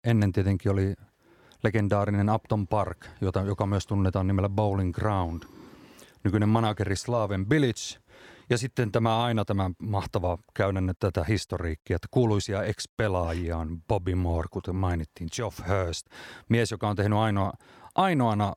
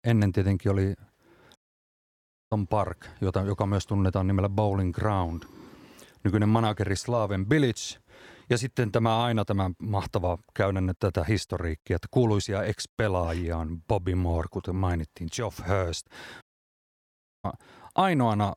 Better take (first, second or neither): first